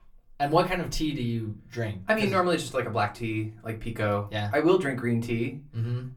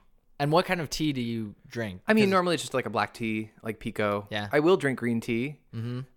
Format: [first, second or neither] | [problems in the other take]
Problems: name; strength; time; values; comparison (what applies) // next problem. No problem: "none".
second | off-mic speech; far // room echo; very slight; dies away in 0.2 s